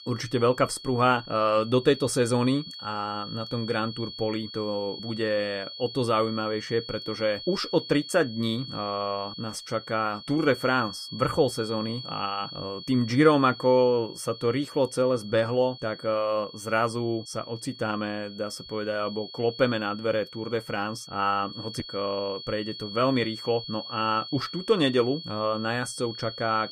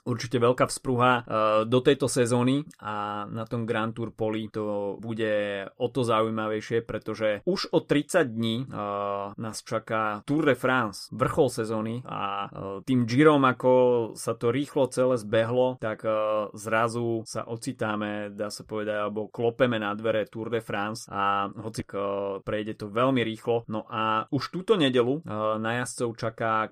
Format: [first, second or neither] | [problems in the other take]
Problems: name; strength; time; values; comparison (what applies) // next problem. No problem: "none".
second | high-pitched whine; noticeable; throughout; 4.5 kHz, 10 dB below the speech